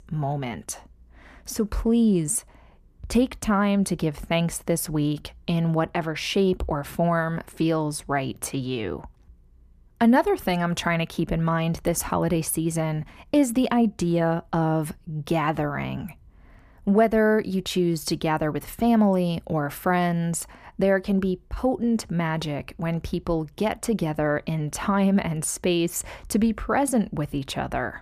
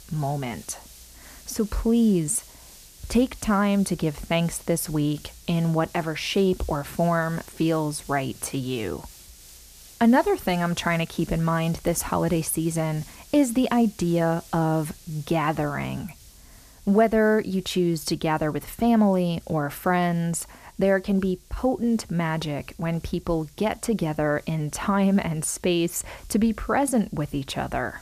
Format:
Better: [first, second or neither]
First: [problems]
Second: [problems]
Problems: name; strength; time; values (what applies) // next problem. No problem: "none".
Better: first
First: none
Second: hiss; faint; throughout; 25 dB below the speech